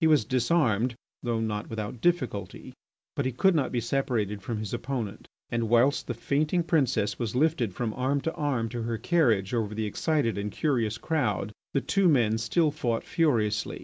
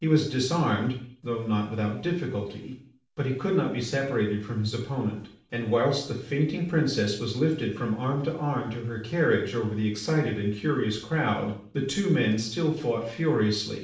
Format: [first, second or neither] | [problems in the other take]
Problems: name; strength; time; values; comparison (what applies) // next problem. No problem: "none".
first | room echo; dies away in 0.5 s